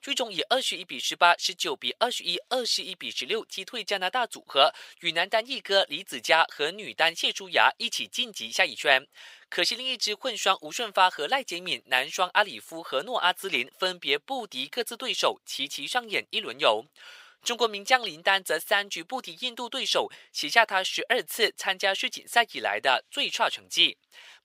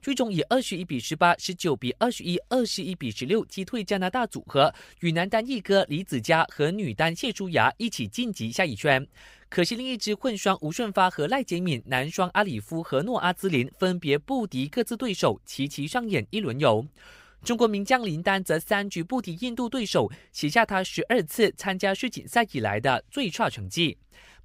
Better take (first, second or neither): second